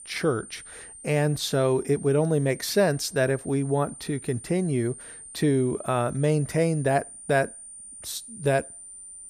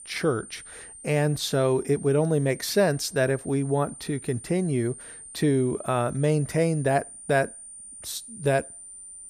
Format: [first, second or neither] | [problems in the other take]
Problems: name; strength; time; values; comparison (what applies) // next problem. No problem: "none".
neither | high-pitched whine; noticeable; throughout; 9 kHz, 15 dB below the speech; the same in both